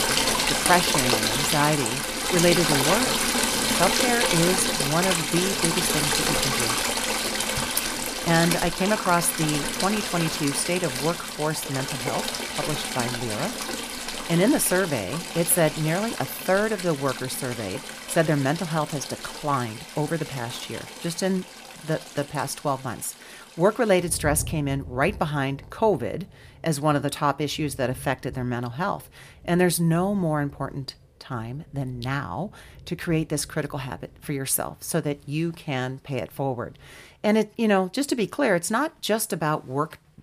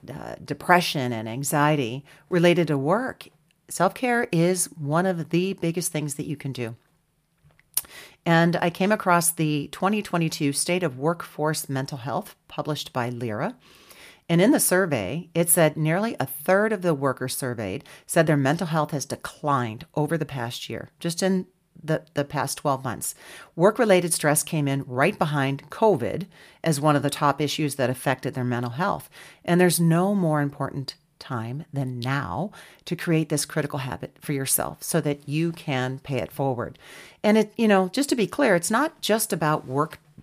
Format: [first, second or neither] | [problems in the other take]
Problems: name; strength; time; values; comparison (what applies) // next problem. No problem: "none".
second | rain or running water; very loud; throughout; as loud as the speech